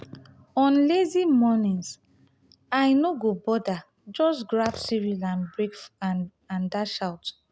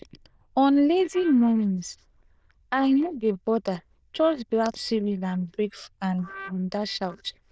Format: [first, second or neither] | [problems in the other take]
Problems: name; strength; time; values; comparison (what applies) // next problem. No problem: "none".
first | noise reduction (neural diffusion model UNIVERSE++)